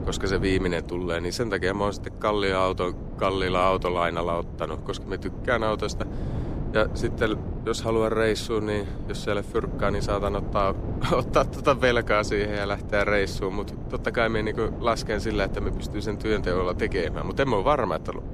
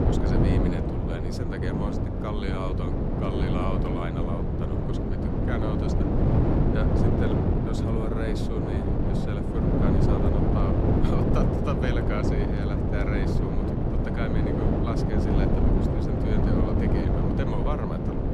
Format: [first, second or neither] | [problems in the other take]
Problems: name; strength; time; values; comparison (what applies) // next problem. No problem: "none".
first | wind noise on the microphone; heavy; 5 dB above the speech; occasional gusts in the first